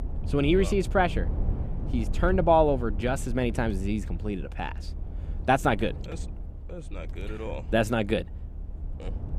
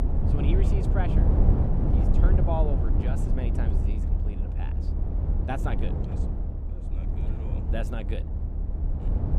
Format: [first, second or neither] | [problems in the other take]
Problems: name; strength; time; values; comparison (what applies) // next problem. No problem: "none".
first | low rumble; loud; throughout; 2 dB below the speech; faint in the first